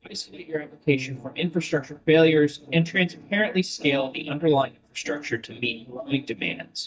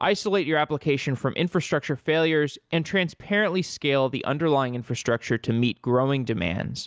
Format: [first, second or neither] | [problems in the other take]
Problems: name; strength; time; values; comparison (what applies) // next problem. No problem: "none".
second | noise reduction (neural mask model DeepFilterNet 3)